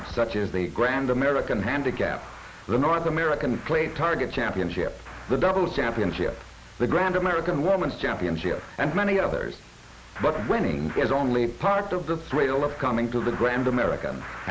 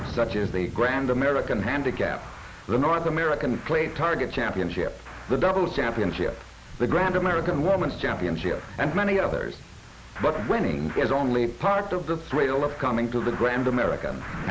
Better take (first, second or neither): first